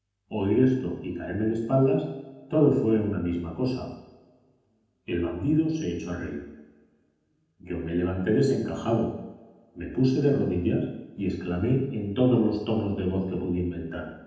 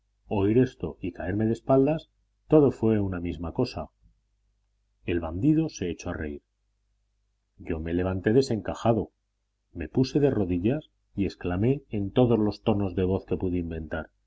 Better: second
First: room echo; dies away in 0.9 s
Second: none

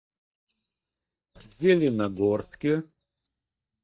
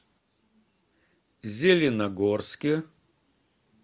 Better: second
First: noise reduction (neural mask model DeepFilterNet 3)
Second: none

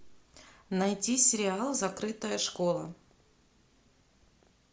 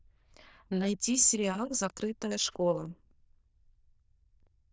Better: first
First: none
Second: noise reduction (neural diffusion model UNIVERSE++)

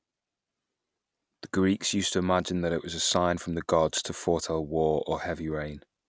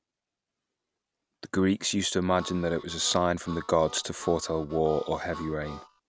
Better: first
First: none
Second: background sound (Harmonica); 17 dB below the speech

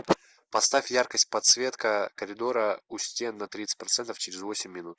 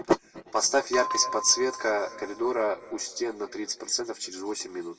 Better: first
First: none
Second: background sound (Bell); 9 dB below the speech // room echo; dies away in 2 s

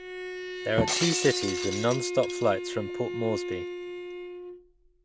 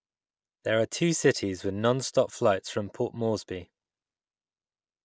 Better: second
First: background sound (Shatter + Bowed string instrument); 3 dB below the speech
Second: none

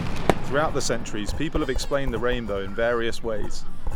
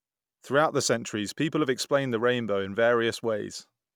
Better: second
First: background sound (Crowd / Fireworks + Writing); 3 dB above the speech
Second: none

